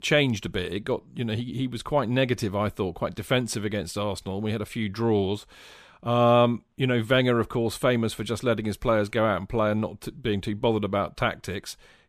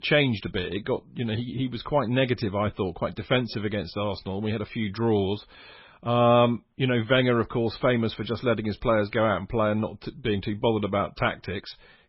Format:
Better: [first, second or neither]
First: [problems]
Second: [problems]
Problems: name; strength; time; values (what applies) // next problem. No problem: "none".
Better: first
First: none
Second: garbled, watery; badly; nothing above 5.5 kHz